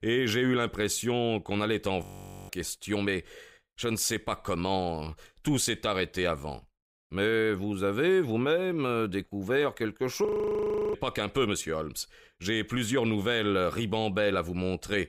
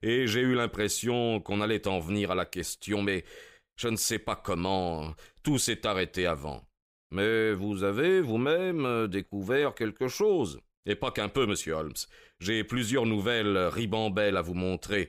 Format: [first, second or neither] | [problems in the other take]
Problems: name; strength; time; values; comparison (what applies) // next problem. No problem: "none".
second | audio freezing; at 2 s and at 10 s for 0.5 s